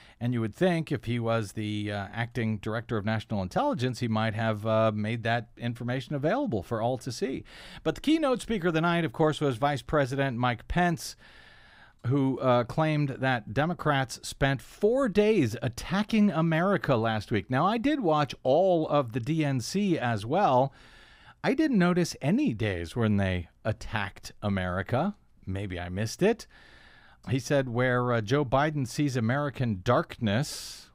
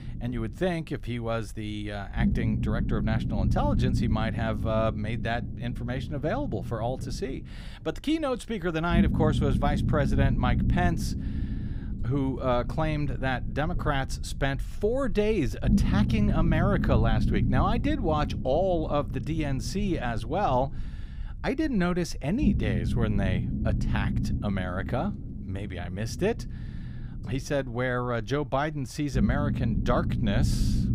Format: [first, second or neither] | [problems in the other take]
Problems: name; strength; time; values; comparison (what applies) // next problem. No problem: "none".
first | low rumble; loud; throughout; 9 dB below the speech